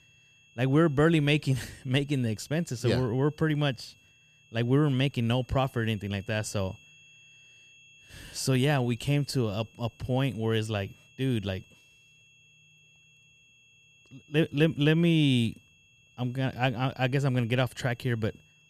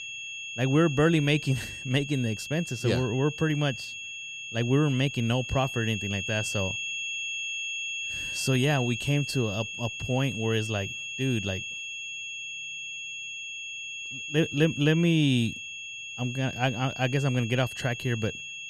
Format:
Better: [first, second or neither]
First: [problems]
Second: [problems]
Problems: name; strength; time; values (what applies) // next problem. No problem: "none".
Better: first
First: high-pitched whine; faint; throughout; 2.5 kHz, 30 dB below the speech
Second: high-pitched whine; loud; throughout; 2.5 kHz, 7 dB below the speech